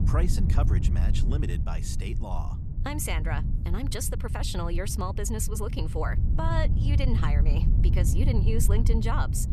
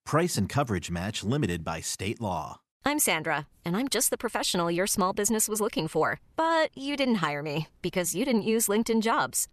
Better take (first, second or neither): second